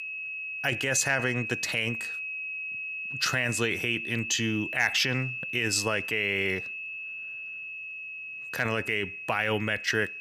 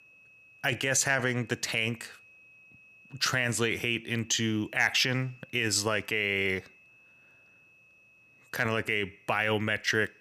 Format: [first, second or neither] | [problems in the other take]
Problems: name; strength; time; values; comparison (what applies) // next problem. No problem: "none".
second | high-pitched whine; loud; throughout; 2.5 kHz, 6 dB below the speech; faint in the second